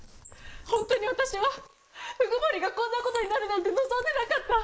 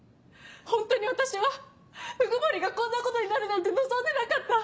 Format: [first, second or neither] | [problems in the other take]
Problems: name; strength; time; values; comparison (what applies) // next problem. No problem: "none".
second | noise reduction (neural mask model Resemble Enhance denoiser)